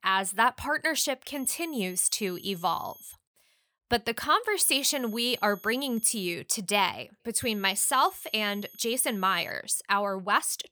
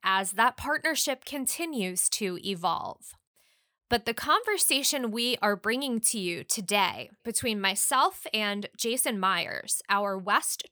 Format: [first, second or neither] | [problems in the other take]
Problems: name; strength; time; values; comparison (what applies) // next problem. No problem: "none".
second | high-pitched whine; faint; from 1.5 to 3 s, from 4.5 to 6.5 s and from 7.5 to 9.5 s; 12 kHz, 20 dB below the speech